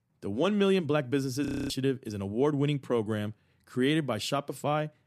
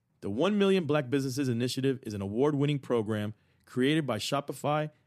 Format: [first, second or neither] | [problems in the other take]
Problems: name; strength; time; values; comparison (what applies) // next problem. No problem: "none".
second | audio freezing; at 1.5 s